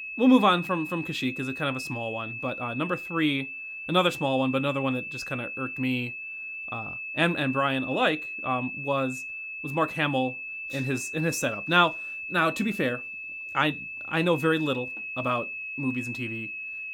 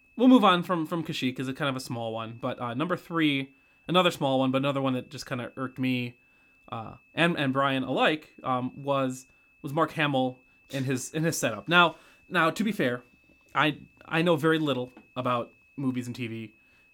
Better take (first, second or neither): second